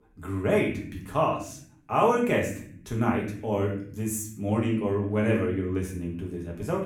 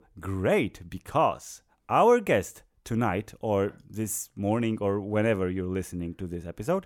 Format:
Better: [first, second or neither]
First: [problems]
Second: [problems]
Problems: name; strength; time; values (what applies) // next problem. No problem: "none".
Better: second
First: room echo; slight; dies away in 0.5 s // off-mic speech; far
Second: none